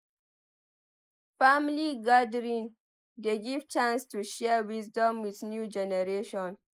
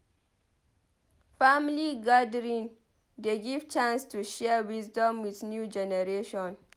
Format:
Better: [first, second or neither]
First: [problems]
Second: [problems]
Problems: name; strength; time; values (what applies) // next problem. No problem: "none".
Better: second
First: noise reduction (neural mask model Resemble Enhance denoiser)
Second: none